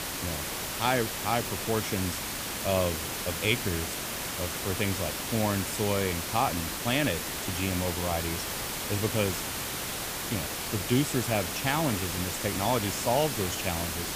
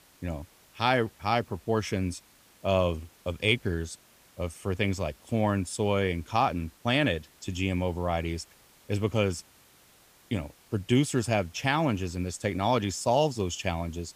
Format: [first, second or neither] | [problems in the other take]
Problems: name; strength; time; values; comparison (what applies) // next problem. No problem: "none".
second | hiss; loud; throughout; 1 dB below the speech; faint in the second